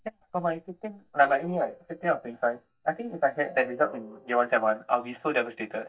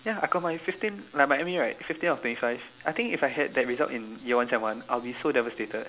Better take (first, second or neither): second